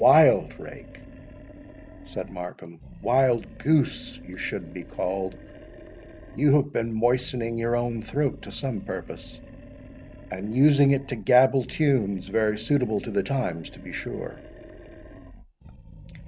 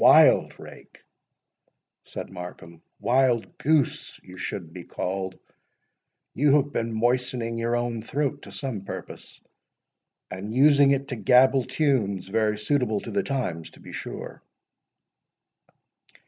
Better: second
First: background sound (Animal); 17 dB below the speech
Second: none

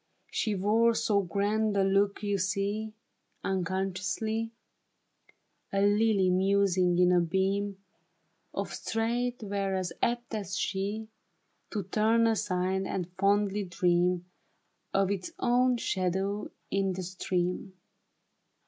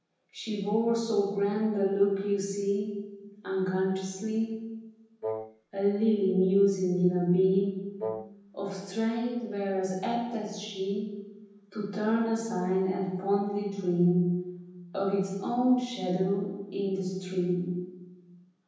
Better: first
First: none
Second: background sound (Wind instrument, woodwind instrument); 7 dB below the speech // room echo; dies away in 1.1 s

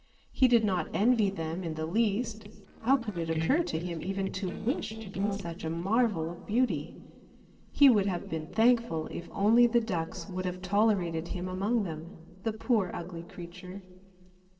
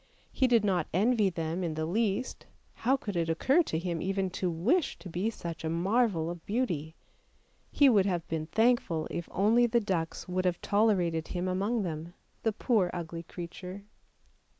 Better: second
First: noise reduction (neural separator model SepFormer DNS4)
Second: none

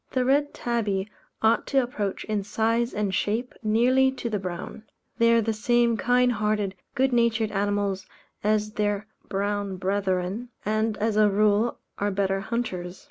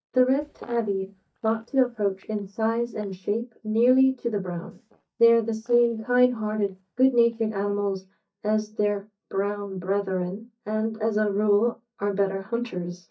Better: first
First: none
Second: noise reduction (neural mask model DeepFilterNet 3)

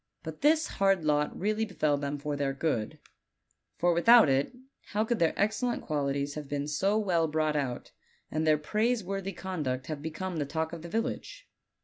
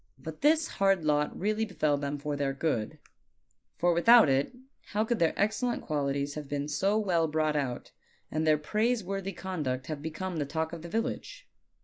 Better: first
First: none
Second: noise reduction (neural mask model Resemble Enhance denoiser)

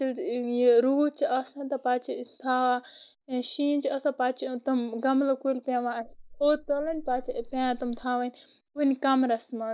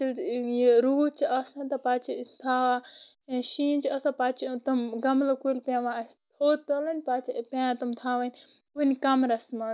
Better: second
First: noise reduction (neural mask model Resemble Enhance denoiser)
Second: none

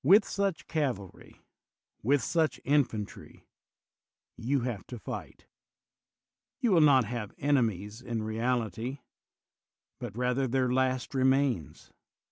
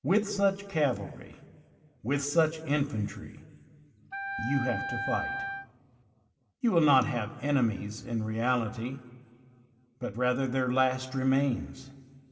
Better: first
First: none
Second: background sound (Wind instrument, woodwind instrument); 5 dB below the speech // room echo; dies away in 1.7 s

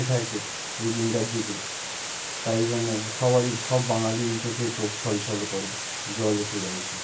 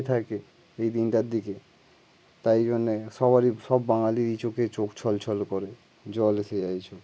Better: second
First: background sound (Water); 5 dB below the speech // room echo; dies away in 0.2 s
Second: none

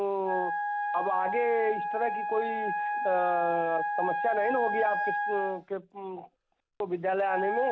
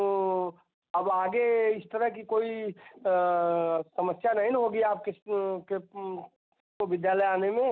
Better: second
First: background sound (Wind instrument, woodwind instrument); 1 dB below the speech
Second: none

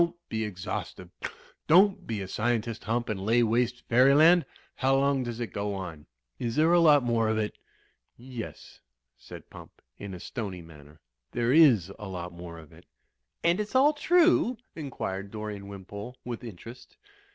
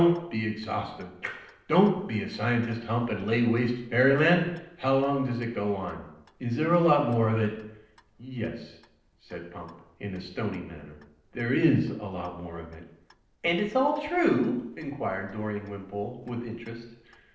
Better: first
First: none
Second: noise reduction (neural separator model SepFormer DNS4)

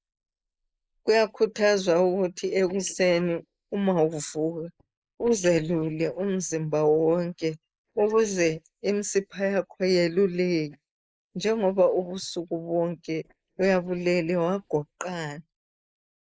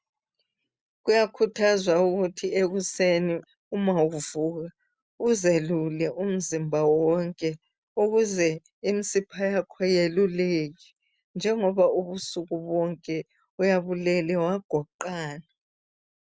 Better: second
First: noise reduction (neural mask model Resemble Enhance denoiser)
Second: none

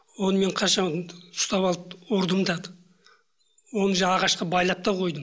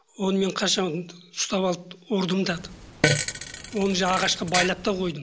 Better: first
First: none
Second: background sound (Fart); 3 dB below the speech

